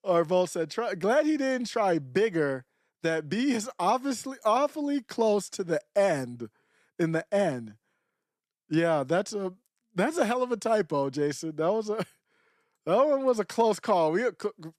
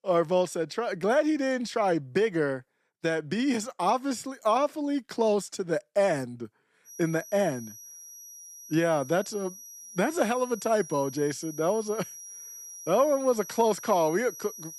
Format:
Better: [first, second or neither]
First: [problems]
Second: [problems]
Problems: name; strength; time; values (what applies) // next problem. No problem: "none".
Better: first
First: none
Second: high-pitched whine; noticeable; from 7 s on; 6 kHz, 15 dB below the speech